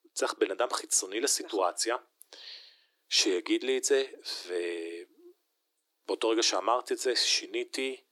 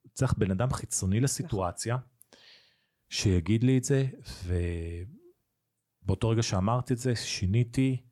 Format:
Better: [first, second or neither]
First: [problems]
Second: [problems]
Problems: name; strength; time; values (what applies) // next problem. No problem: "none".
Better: second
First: thin; very; fading below 300 Hz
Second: none